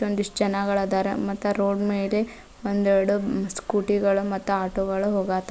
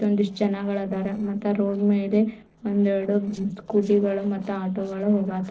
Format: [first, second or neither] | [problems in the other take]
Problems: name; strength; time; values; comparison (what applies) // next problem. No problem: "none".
first | noise reduction (neural separator model SepFormer DNS4)